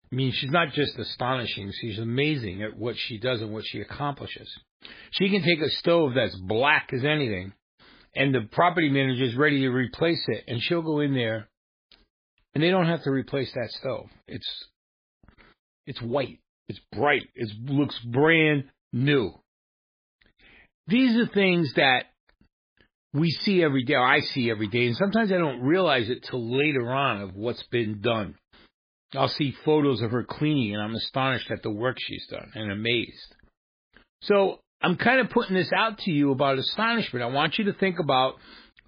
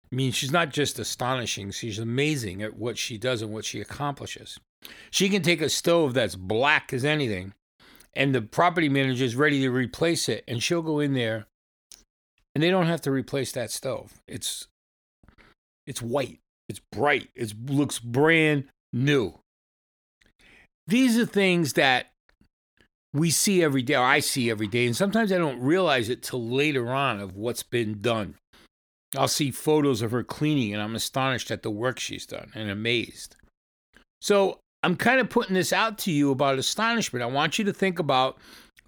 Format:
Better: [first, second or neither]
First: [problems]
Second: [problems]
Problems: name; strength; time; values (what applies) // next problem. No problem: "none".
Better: second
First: garbled, watery; badly; nothing above 4 kHz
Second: none